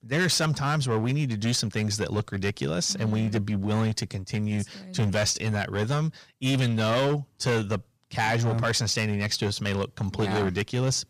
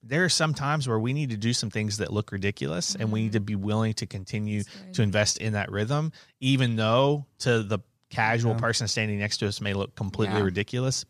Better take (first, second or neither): second